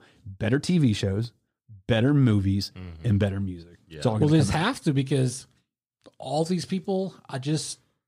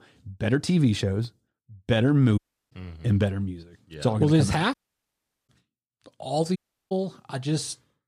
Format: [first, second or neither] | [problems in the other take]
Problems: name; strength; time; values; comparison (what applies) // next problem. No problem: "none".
first | audio cutting out; at 2.5 s, at 4.5 s for 0.5 s and at 6.5 s